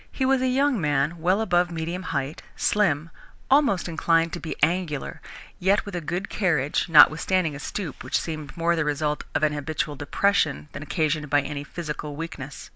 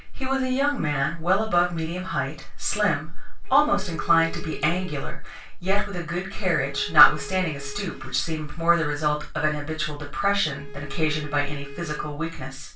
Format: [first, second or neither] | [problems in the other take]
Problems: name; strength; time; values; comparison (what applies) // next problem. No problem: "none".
first | background sound (Bowed string instrument); 19 dB below the speech // room echo; dies away in 0.2 s